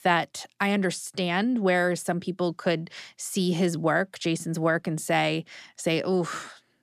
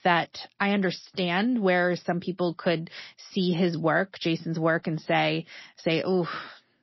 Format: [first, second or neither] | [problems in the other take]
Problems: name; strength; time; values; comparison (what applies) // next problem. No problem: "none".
first | garbled, watery; slightly; nothing above 5.5 kHz